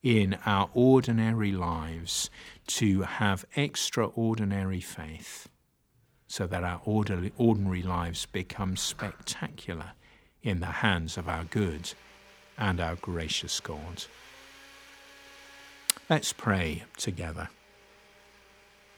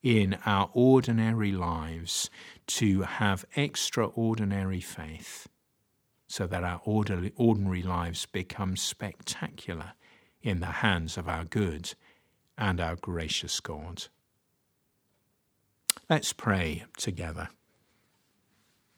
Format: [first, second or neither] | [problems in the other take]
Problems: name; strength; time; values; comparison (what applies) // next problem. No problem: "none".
second | household noises; faint; throughout; 25 dB below the speech